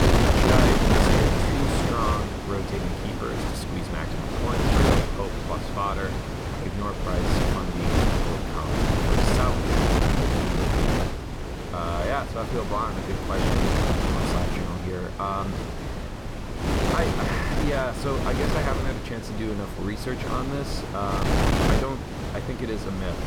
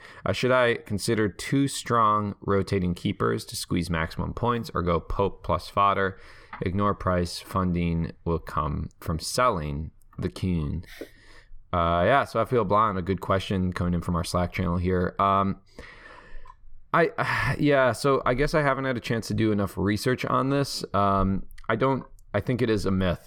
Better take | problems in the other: second | wind noise on the microphone; heavy; 3 dB above the speech

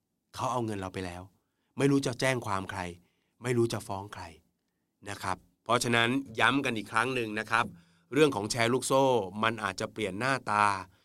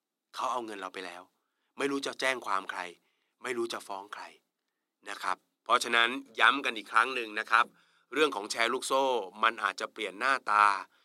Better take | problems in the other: first | thin; somewhat; fading below 300 Hz

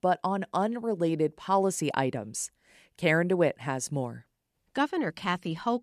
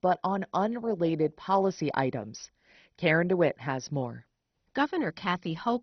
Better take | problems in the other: first | garbled, watery; badly; nothing above 6 kHz

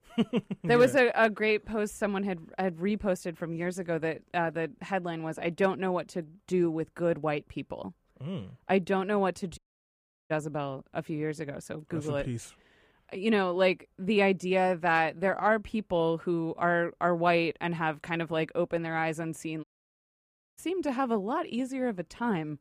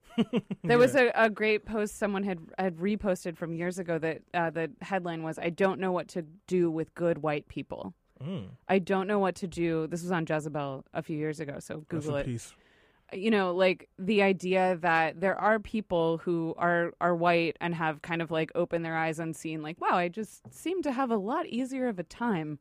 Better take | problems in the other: second | audio cutting out; at 9.5 s for 0.5 s and at 20 s for 1 s

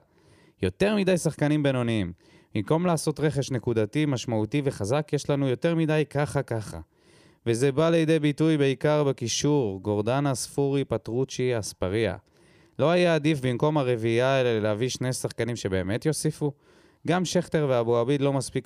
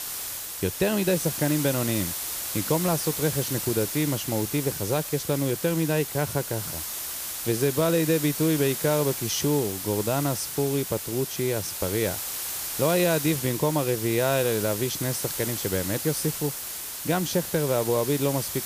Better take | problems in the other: first | hiss; loud; throughout; 4 dB below the speech

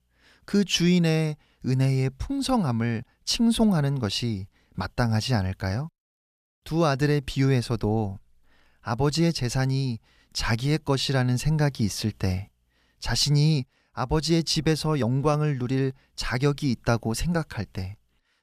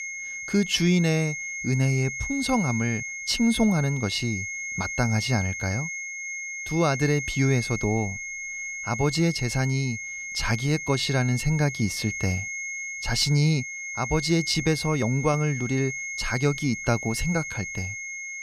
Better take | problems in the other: first | high-pitched whine; loud; throughout; 2 kHz, 6 dB below the speech

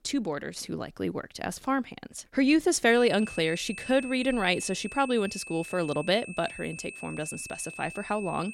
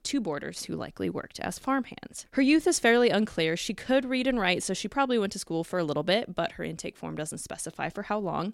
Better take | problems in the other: second | high-pitched whine; noticeable; from 3 s on; 2.5 kHz, 10 dB below the speech

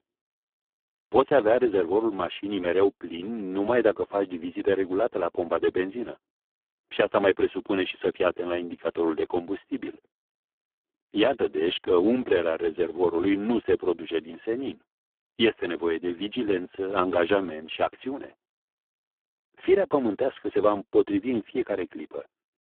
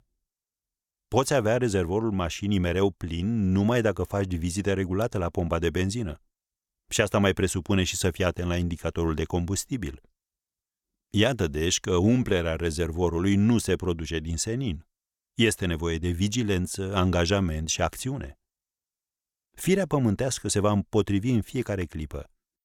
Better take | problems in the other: second | phone-call audio; poor line

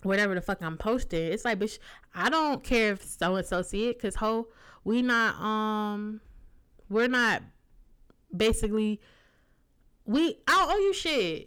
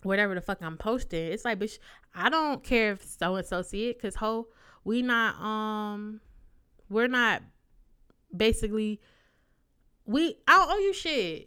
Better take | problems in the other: second | distortion; slight; 10 dB below the speech

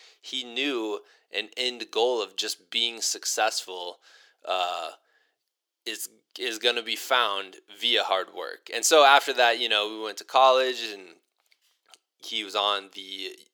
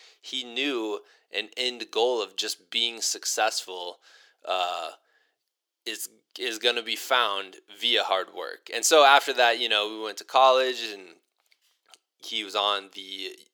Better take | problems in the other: neither | thin; very; fading below 400 Hz; the same in both

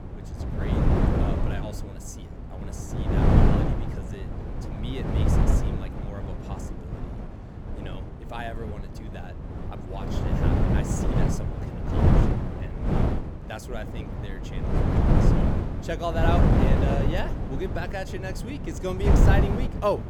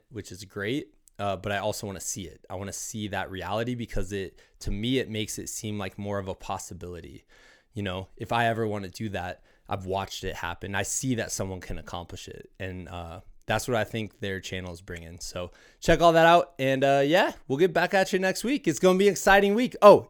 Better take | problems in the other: second | wind noise on the microphone; heavy; 2 dB above the speech

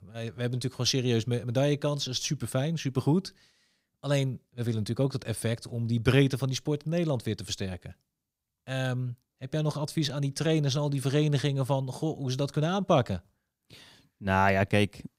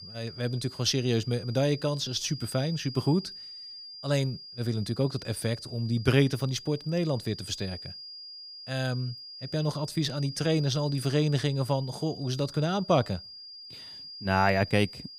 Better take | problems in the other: first | high-pitched whine; noticeable; throughout; 5 kHz, 15 dB below the speech

